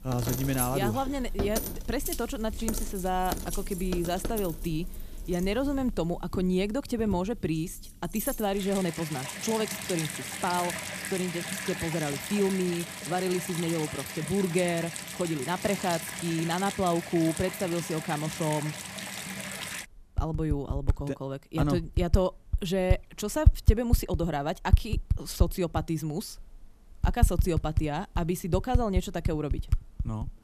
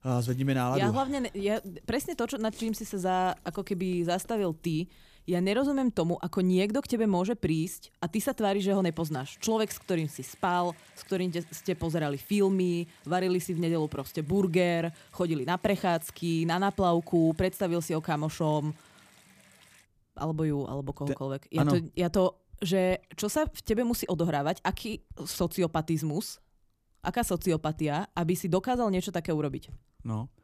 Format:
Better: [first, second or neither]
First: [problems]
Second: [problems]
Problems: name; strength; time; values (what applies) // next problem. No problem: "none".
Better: second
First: household noises; loud; throughout; 3 dB below the speech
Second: household noises; faint; throughout; 25 dB below the speech